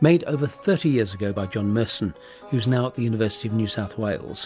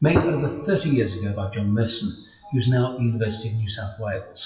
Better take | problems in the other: first | noise reduction (classical method WPE with log-MMSE)

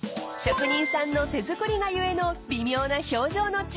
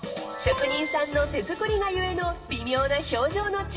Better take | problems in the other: first | room echo; dies away in 2.6 s

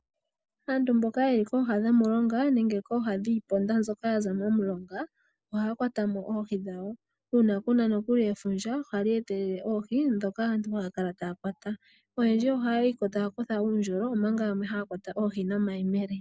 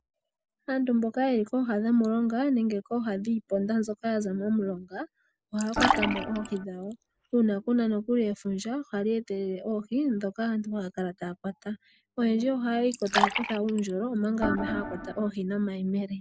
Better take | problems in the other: first | background sound (Fill (with liquid) + Organ); 3 dB below the speech

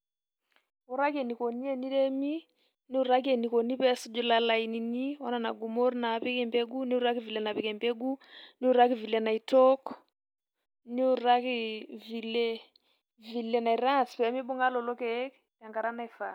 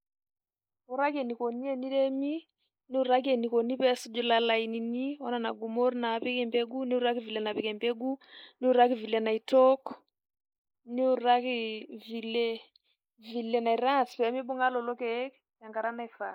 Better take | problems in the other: first | noise reduction (neural mask model Resemble Enhance denoiser)

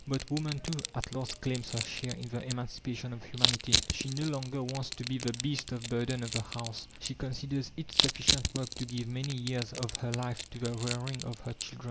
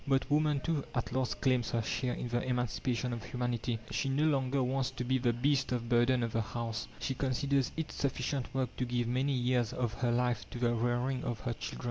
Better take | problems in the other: second | background sound (Crushing); 1 dB below the speech

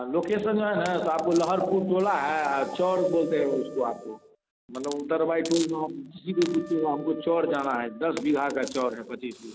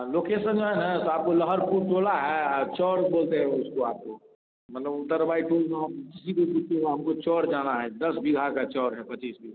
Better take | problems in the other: second | background sound (Hiss + Wind instrument, woodwind instrument); 18 dB below the speech

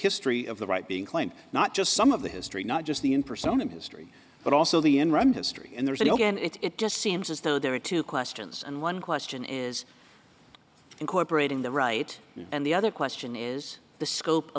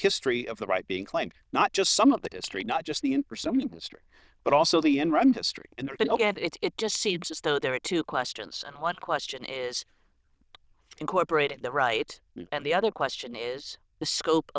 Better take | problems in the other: first | noise reduction (neural diffusion model UNIVERSE++)

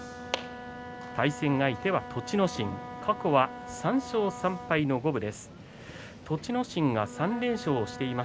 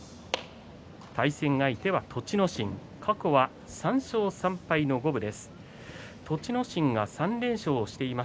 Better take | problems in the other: second | background sound (Wind instrument, woodwind instrument); 13 dB below the speech

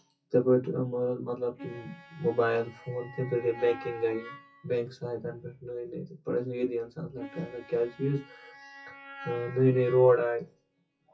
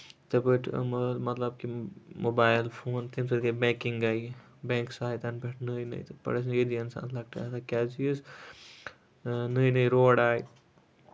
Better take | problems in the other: second | noise reduction (classical method WPE with log-MMSE)

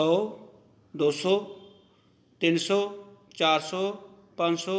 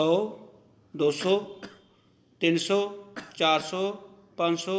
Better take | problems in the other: first | background sound (Cough); 20 dB below the speech

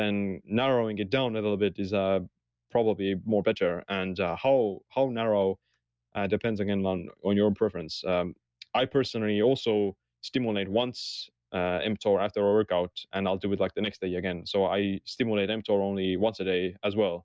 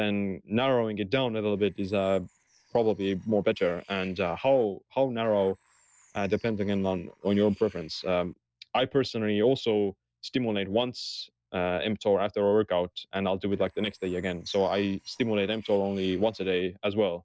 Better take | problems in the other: first | noise reduction (neural separator model SepFormer DNS4)

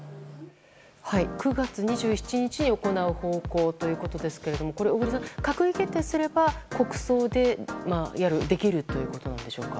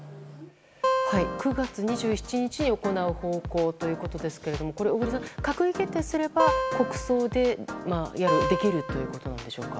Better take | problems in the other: first | background sound (Acoustic guitar); 2 dB below the speech

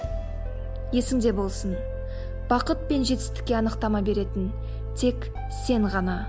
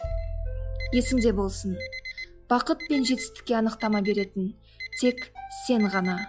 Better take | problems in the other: first | noise reduction (classical method log-MMSE)

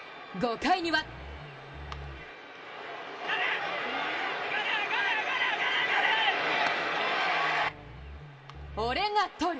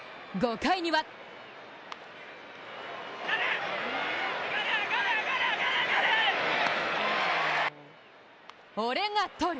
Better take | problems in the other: second | background sound (Growling); 15 dB below the speech // room echo; dies away in 2.1 s

